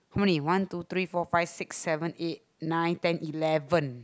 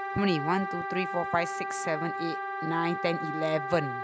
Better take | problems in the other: first | background sound (Wind instrument, woodwind instrument); 3 dB below the speech

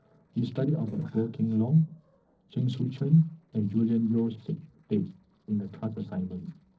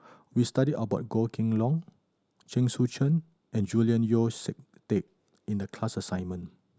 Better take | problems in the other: second | noise reduction (neural separator model SepFormer DNS4)

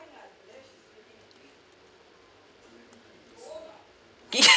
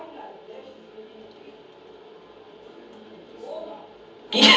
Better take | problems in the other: first | room echo; dies away in 0.7 s

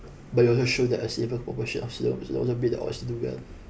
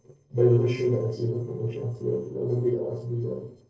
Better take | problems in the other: first | noise reduction (neural separator model SepFormer DNS4)

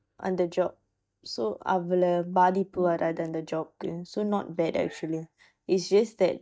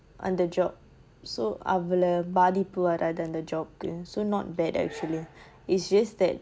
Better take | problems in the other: second | noise reduction (neural mask model DeepFilterNet 3)

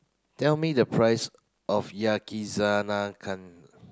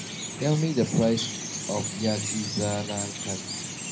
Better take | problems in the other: first | background sound (Chirp, tweet); 5 dB below the speech // room echo; dies away in 0.5 s

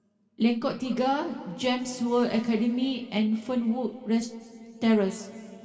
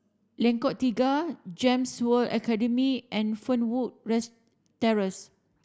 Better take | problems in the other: second | room echo; dies away in 2.3 s

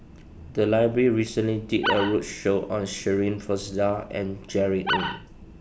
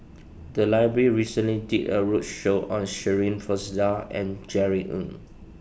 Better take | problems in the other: second | background sound (Animal); 4 dB below the speech

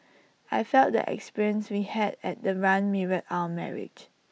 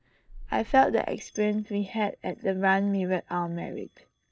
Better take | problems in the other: first | noise reduction (neural mask model DeepFilterNet 3)

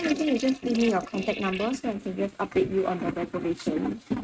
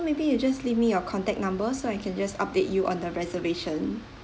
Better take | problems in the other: second | noise reduction (neural mask model RNNoise)

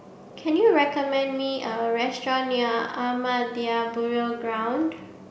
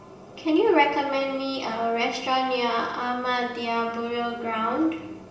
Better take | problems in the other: first | room echo; dies away in 1 s

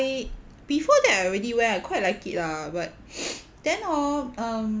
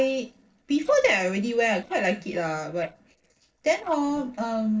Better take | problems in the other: first | noise reduction (neural separator model SepFormer DNS4)

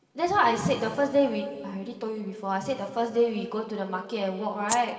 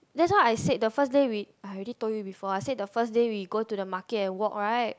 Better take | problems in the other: second | background sound (Rattle (instrument)); 6 dB below the speech // room echo; dies away in 2.3 s

